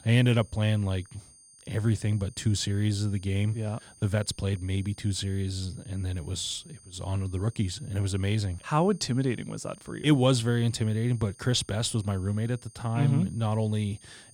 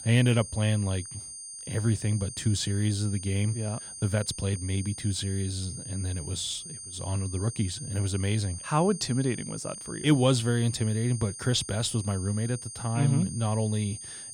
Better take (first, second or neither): first